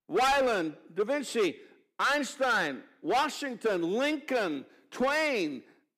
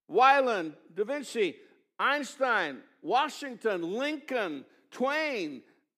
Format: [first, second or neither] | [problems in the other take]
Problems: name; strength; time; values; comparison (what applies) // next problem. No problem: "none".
second | distortion; heavy; 9% of the sound clipped